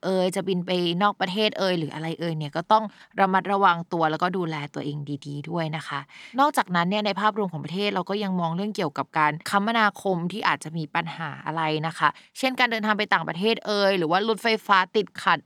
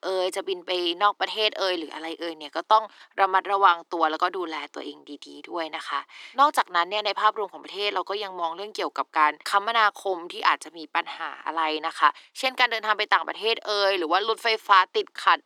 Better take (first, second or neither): first